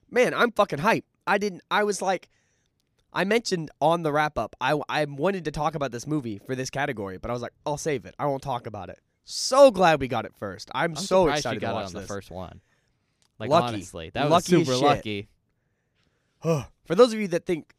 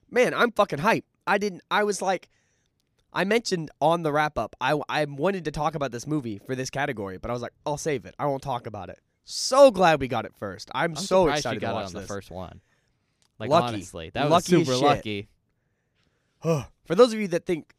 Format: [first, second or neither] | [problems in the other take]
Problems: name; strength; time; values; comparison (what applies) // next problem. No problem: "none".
neither | none